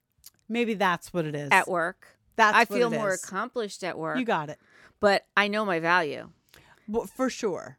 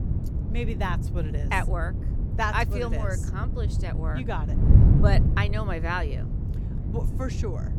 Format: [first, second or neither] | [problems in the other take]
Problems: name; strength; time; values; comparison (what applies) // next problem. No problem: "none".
first | wind noise on the microphone; heavy; 8 dB below the speech